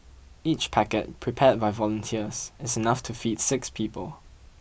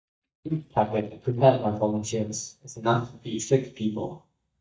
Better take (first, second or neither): first